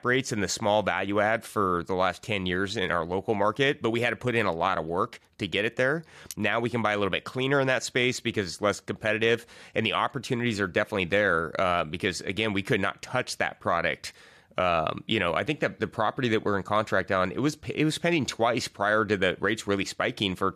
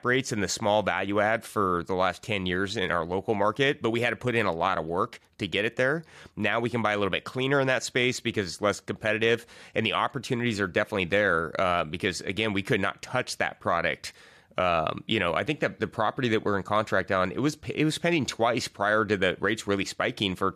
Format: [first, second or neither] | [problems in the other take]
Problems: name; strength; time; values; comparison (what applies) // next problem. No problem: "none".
second | clattering dishes; very faint; at 6.5 s; peak 15 dB below the speech